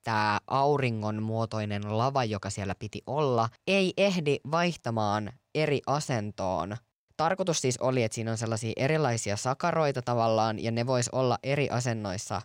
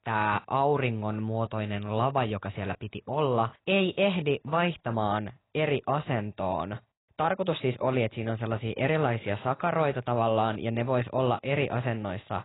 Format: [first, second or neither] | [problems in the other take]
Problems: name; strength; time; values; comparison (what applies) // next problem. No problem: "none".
first | garbled, watery; badly; nothing above 4 kHz